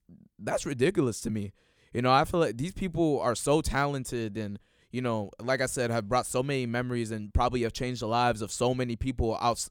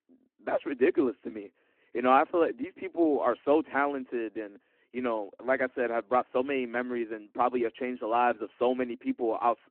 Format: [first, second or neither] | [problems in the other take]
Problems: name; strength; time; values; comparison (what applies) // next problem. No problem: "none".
first | phone-call audio